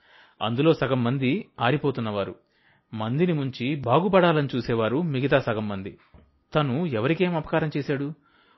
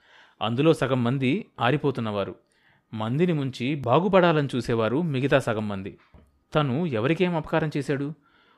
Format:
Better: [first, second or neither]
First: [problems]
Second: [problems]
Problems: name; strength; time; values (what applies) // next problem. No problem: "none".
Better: second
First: garbled, watery; slightly; nothing above 5.5 kHz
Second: none